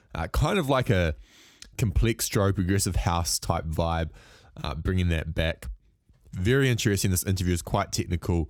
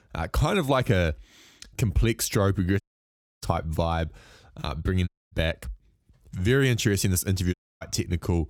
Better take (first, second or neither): first